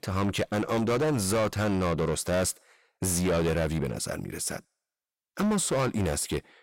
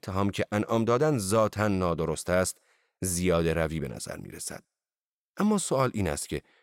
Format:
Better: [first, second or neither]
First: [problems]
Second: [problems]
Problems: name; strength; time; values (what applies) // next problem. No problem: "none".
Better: second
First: distortion; heavy; 8 dB below the speech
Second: none